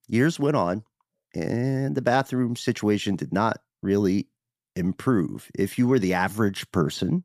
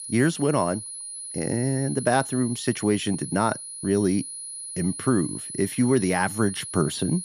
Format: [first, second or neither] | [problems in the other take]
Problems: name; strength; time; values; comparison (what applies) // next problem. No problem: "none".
first | high-pitched whine; loud; throughout; 10.5 kHz, 8 dB below the speech